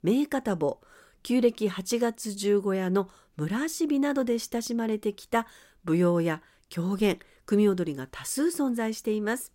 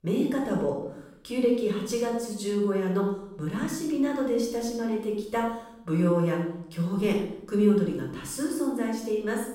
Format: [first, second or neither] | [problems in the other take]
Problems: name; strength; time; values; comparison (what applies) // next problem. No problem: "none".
first | off-mic speech; far // room echo; noticeable; dies away in 0.6 s